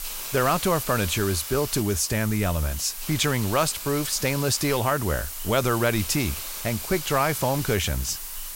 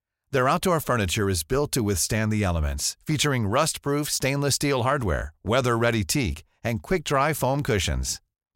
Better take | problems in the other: second | hiss; loud; throughout; 7 dB below the speech

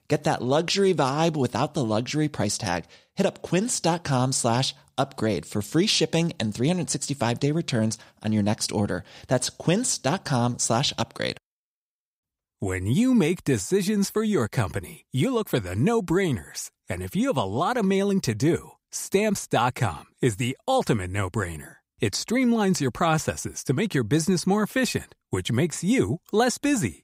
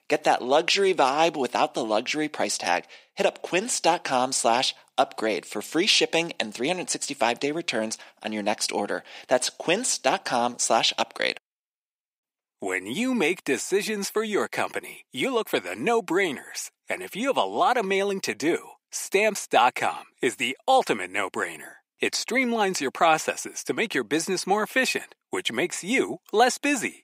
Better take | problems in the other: first | thin; somewhat; fading below 300 Hz

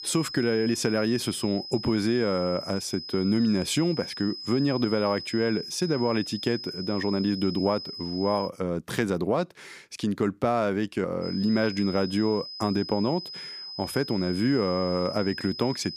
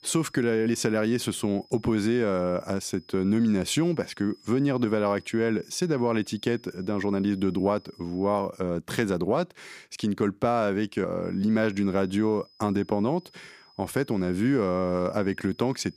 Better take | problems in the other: second | high-pitched whine; loud; until 8.5 s and from 11 s on; 5 kHz, 9 dB below the speech; faint in the second

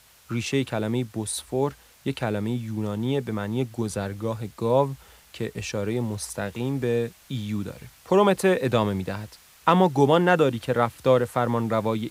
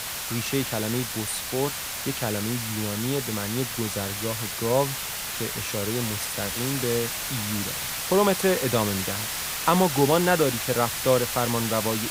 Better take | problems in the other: first | hiss; loud; throughout; 2 dB below the speech; faint in the first

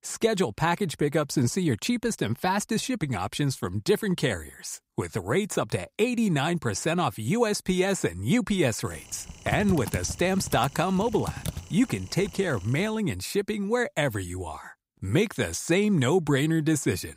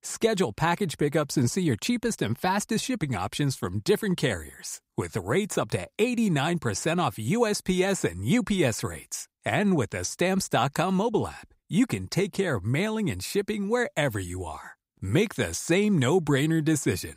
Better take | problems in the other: second | keyboard typing; noticeable; from 9.5 to 12 s; peak 6 dB below the speech

